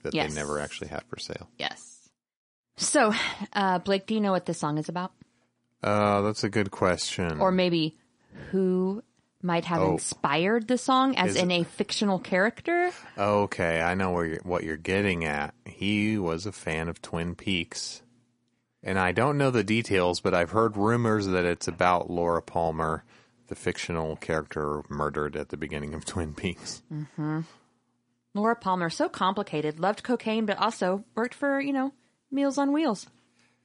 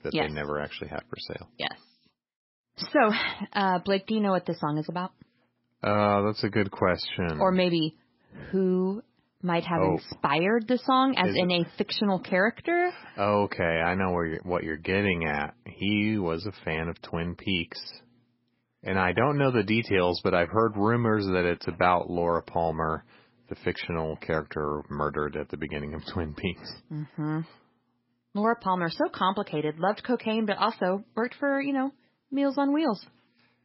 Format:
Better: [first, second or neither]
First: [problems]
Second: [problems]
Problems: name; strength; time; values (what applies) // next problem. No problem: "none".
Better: first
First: garbled, watery; slightly; nothing above 10.5 kHz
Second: garbled, watery; badly; nothing above 5.5 kHz